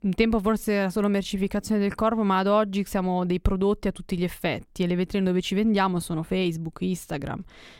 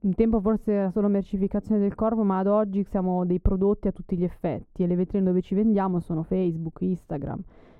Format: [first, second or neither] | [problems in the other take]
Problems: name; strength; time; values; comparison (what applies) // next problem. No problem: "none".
first | muffled; very; fading above 1.5 kHz